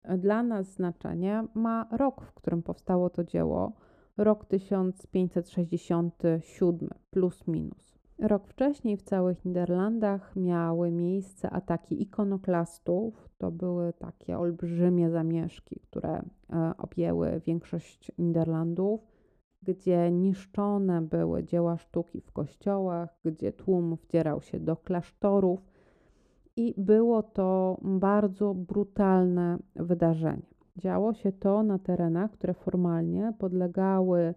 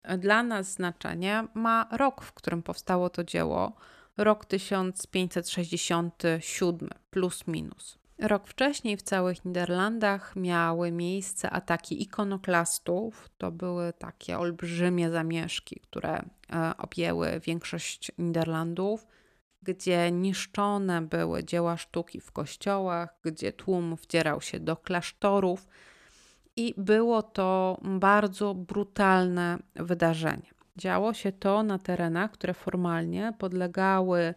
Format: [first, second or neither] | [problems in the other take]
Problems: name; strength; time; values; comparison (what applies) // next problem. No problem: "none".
second | muffled; very; fading above 1 kHz